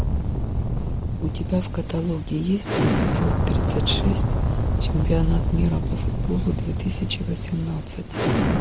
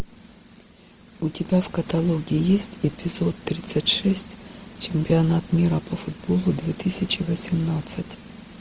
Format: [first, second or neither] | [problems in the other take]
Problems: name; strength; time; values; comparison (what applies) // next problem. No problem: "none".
second | background sound (Explosion); 4 dB above the speech